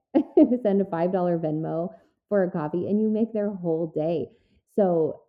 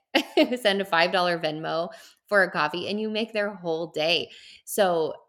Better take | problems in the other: second | muffled; very; fading above 1 kHz

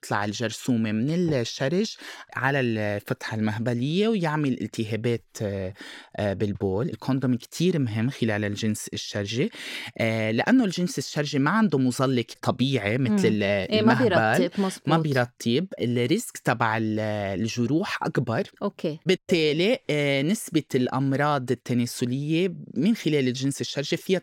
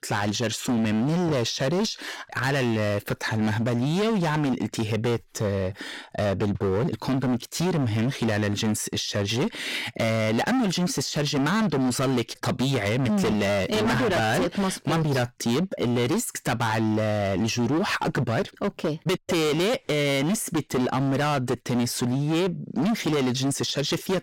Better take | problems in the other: first | distortion; heavy; 29% of the sound clipped

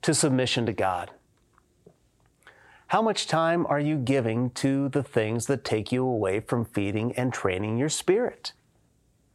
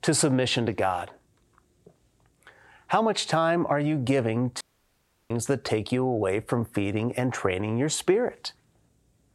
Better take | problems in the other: first | audio cutting out; at 4.5 s for 0.5 s

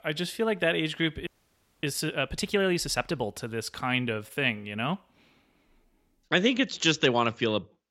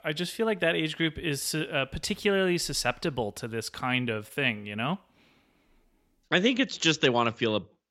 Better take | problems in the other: second | audio freezing; at 1.5 s for 0.5 s

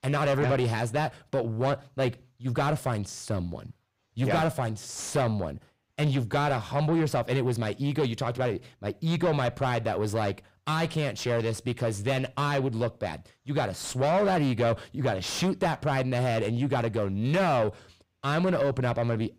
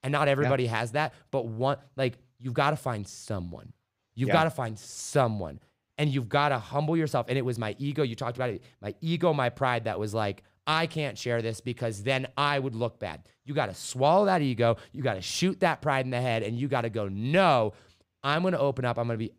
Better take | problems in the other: second | distortion; heavy; 6 dB below the speech

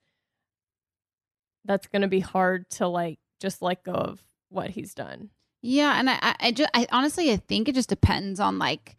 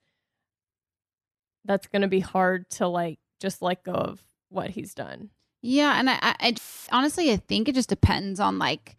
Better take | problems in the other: first | audio cutting out; filled with static; at 6.5 s

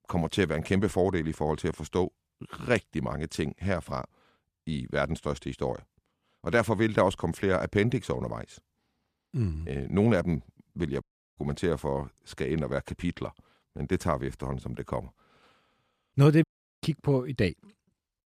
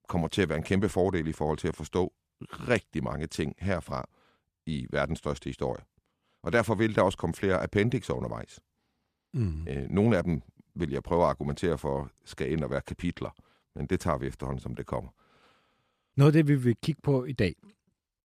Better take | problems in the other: second | audio cutting out; at 11 s and at 16 s

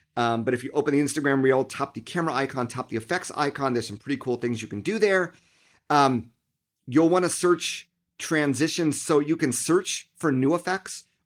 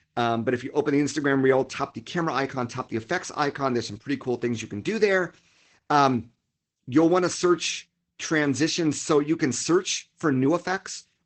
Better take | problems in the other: first | garbled, watery; badly; nothing above 8 kHz; slightly in the first

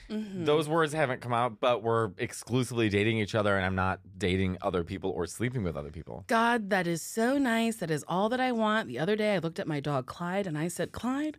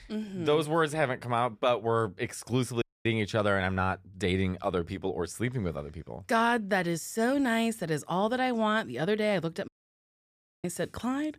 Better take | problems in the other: first | audio cutting out; at 3 s and at 9.5 s for 1 s

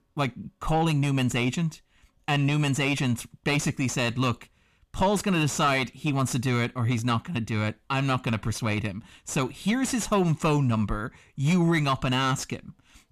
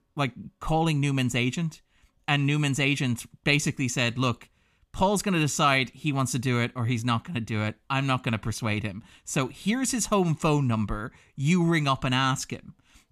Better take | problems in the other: second | distortion; slight; 10 dB below the speech

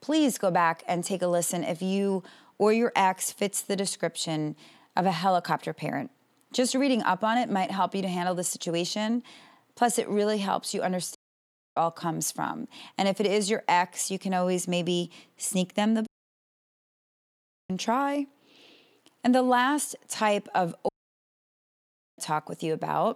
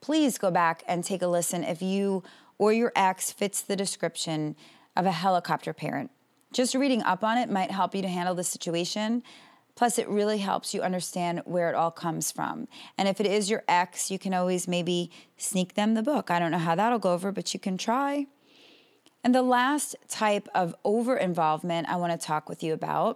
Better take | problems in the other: second | audio cutting out; at 11 s for 0.5 s, at 16 s for 1.5 s and at 21 s for 1.5 s

